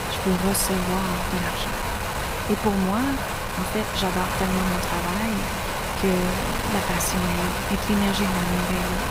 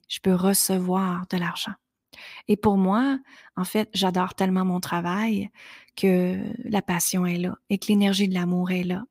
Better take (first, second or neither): second